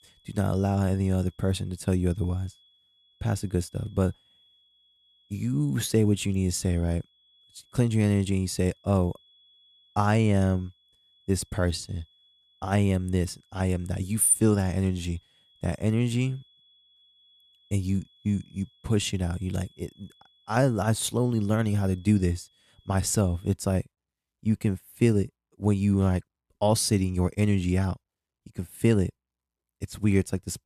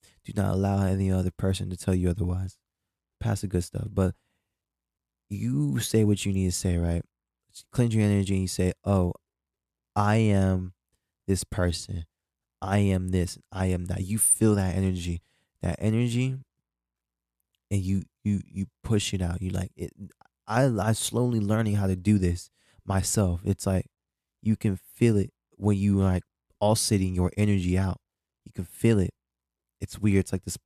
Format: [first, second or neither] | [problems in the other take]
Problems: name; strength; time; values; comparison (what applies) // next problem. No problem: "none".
second | high-pitched whine; faint; until 24 s; 3.5 kHz, 35 dB below the speech